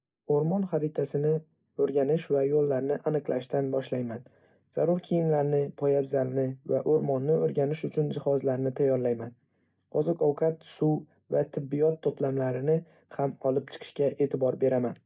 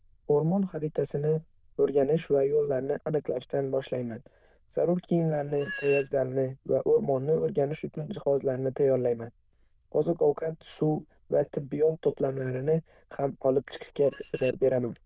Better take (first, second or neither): first